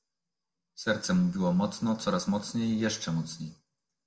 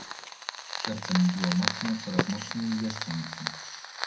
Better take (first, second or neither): first